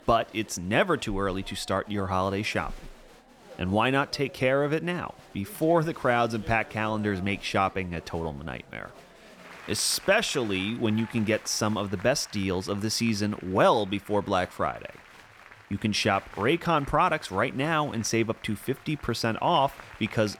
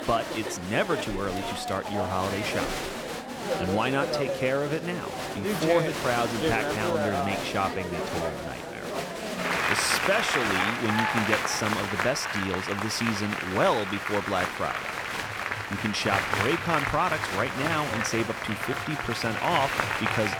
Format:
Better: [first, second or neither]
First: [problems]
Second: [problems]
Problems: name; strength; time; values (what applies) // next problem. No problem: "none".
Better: first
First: crowd noise; faint; throughout; 20 dB below the speech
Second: crowd noise; loud; throughout; as loud as the speech